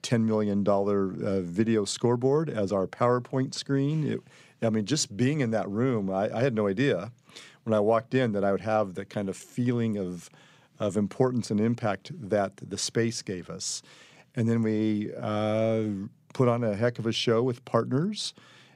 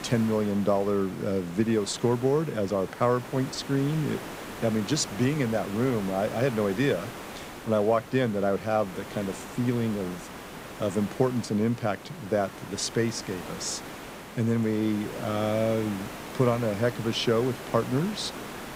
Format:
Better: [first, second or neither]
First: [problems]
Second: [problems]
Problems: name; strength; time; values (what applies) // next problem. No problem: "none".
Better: first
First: none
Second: hiss; noticeable; throughout; 10 dB below the speech